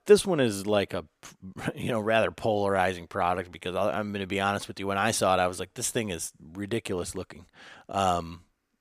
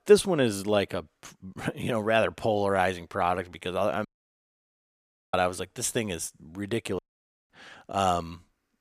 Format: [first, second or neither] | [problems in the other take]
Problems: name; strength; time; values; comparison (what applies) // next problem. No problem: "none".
first | audio cutting out; at 4 s for 1.5 s and at 7 s for 0.5 s